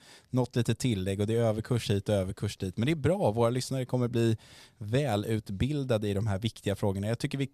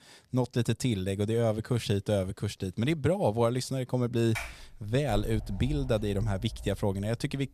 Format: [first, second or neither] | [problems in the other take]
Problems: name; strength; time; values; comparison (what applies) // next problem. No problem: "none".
first | door banging; noticeable; from 4.5 s on; peak 8 dB below the speech